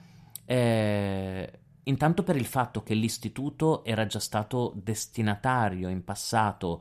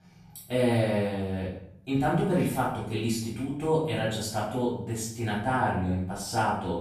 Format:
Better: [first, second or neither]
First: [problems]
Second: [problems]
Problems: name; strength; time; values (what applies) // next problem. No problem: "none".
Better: first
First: none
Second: room echo; noticeable; dies away in 0.5 s // off-mic speech; far